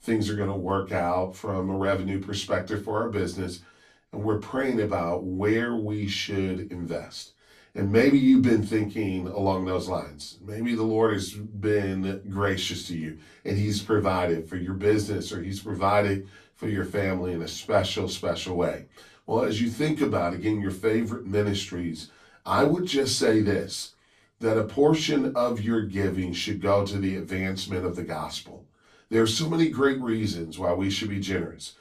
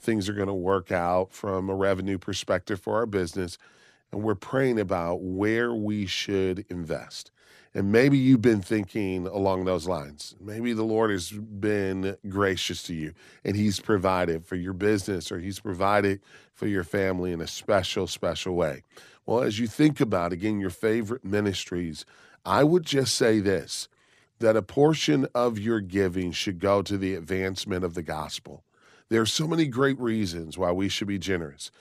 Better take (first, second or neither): second